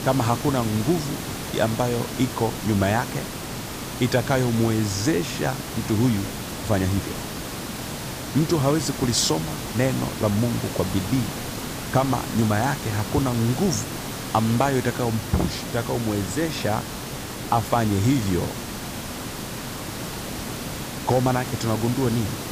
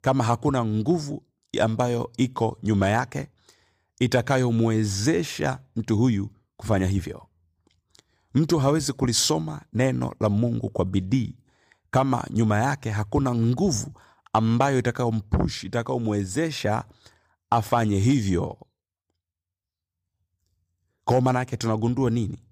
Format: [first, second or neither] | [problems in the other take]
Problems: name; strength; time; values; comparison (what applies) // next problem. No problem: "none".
second | hiss; loud; throughout; 7 dB below the speech